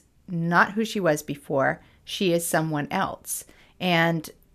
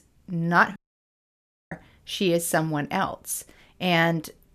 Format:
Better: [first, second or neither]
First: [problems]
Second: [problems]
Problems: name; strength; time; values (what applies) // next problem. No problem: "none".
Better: first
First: none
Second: audio cutting out; at 1 s for 1 s